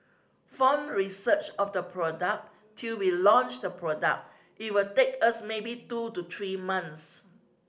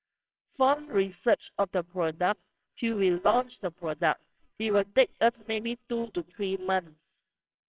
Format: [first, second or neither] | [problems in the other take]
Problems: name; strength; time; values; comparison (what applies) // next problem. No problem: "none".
first | noise reduction (neural separator model SepFormer WHAMR!)